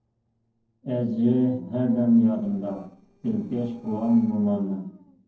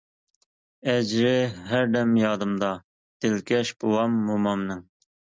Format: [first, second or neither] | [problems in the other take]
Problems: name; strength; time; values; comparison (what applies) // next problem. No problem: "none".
second | noise reduction (neural separator model SepFormer DNS4)